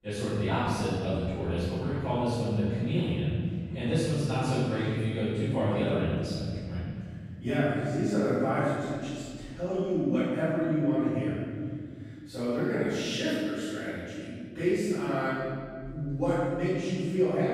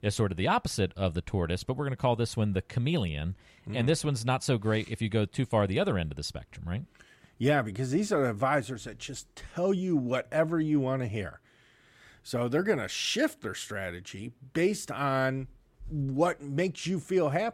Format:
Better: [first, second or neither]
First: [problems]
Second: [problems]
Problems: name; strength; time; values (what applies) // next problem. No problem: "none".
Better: second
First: off-mic speech; far // room echo; strong; dies away in 2.3 s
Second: none